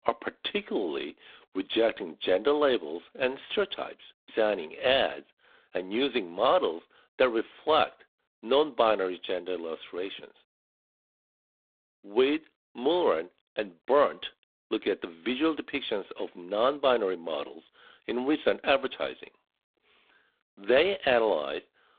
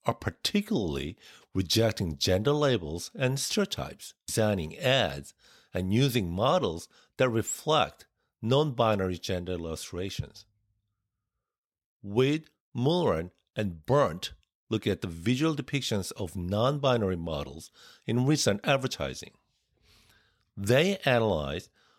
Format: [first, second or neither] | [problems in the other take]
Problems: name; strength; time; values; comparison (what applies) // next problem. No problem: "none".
second | phone-call audio; poor line